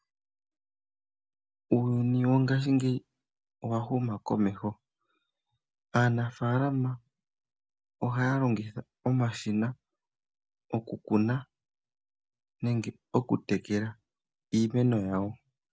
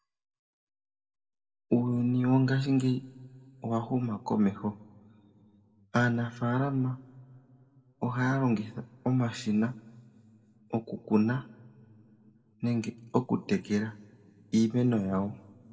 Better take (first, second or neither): first